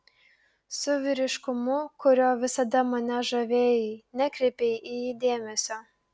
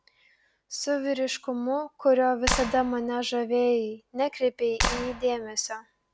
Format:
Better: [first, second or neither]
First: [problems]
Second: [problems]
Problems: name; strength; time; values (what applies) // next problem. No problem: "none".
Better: first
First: none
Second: background sound (Clapping); 3 dB below the speech